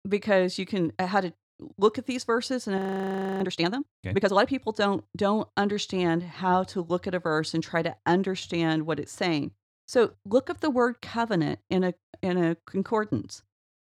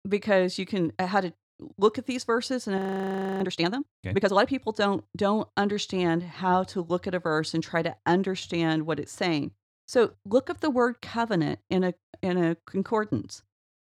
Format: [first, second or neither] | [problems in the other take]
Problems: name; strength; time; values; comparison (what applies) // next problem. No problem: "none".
neither | audio freezing; at 3 s for 0.5 s; the same in both